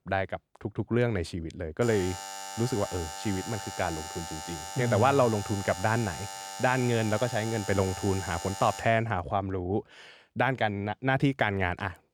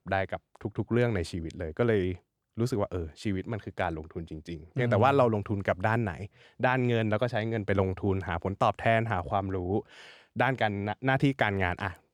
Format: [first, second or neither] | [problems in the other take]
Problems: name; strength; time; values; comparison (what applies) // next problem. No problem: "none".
second | alarm; noticeable; from 2 to 9 s; peak 9 dB below the speech